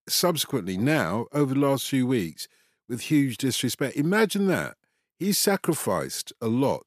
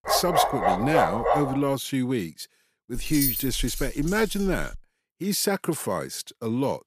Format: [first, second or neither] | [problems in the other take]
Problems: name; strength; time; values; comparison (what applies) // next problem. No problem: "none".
first | dog barking; loud; until 1.5 s; peak 4 dB above the speech // jangling keys; loud; from 3 to 5 s; peak 2 dB above the speech